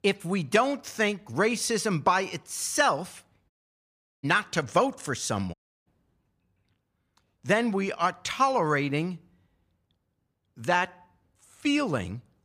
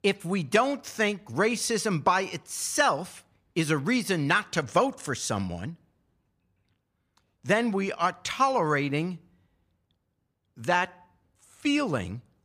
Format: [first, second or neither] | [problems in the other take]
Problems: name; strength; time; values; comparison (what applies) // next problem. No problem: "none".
second | audio cutting out; at 3.5 s for 0.5 s and at 5.5 s